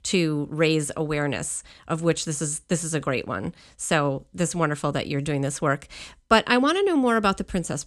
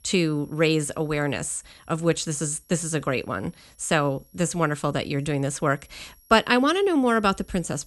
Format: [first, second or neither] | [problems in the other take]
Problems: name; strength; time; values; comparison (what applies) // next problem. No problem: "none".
first | high-pitched whine; faint; throughout; 11 kHz, 30 dB below the speech